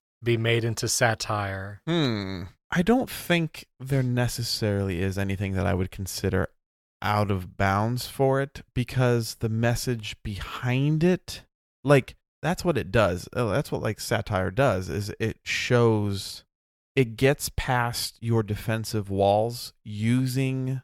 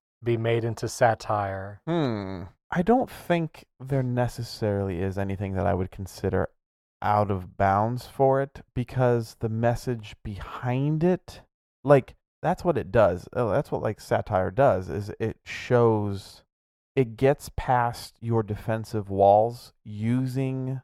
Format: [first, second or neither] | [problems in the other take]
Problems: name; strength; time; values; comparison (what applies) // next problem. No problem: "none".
first | muffled; slightly; fading above 1.5 kHz